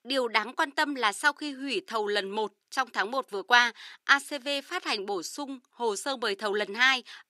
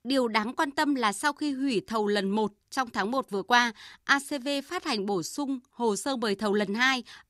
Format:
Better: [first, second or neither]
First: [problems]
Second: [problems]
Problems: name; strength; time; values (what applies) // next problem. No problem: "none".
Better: second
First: thin; somewhat; fading below 400 Hz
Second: none